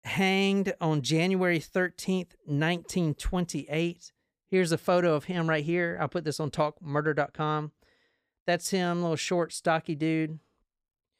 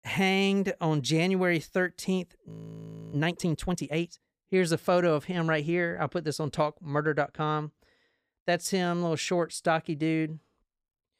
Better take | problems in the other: first | audio freezing; at 2.5 s for 0.5 s

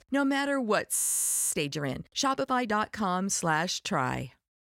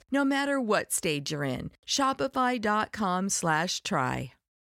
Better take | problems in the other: second | audio freezing; at 1 s for 0.5 s

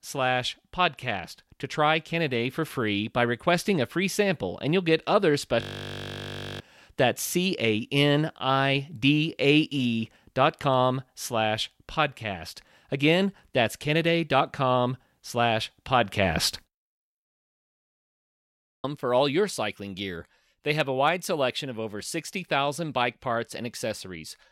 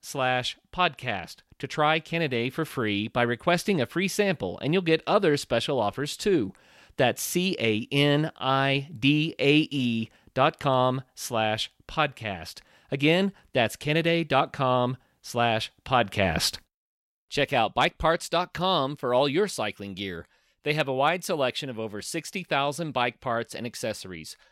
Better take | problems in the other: second | audio freezing; at 5.5 s for 1 s and at 17 s for 1.5 s

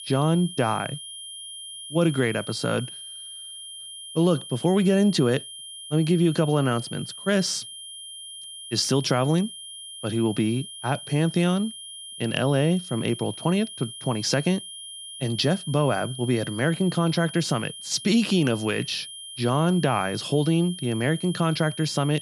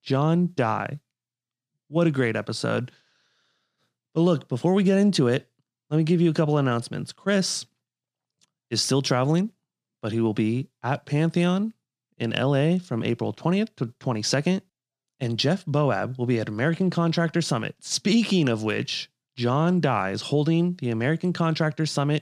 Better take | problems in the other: second | high-pitched whine; noticeable; throughout; 3 kHz, 10 dB below the speech

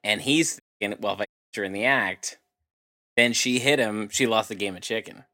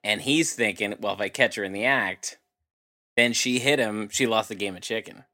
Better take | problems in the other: second | audio cutting out; at 0.5 s and at 1.5 s

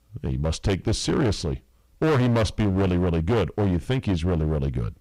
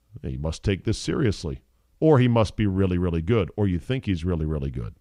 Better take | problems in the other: second | distortion; heavy; 17% of the sound clipped

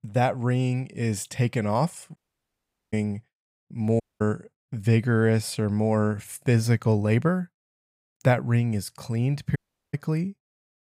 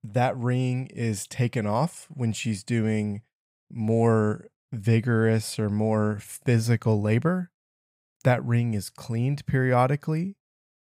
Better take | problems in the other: second | audio cutting out; at 2 s for 1 s, at 4 s and at 9.5 s

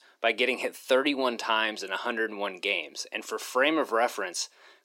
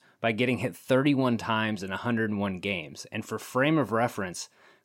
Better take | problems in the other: second | thin; somewhat; fading below 350 Hz

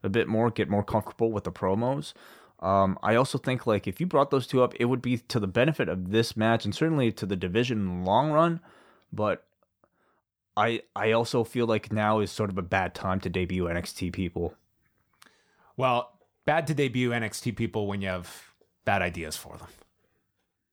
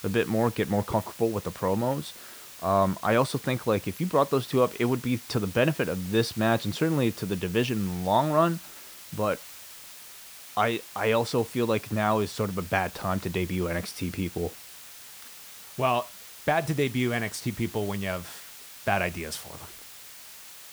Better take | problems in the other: first | hiss; noticeable; throughout; 15 dB below the speech

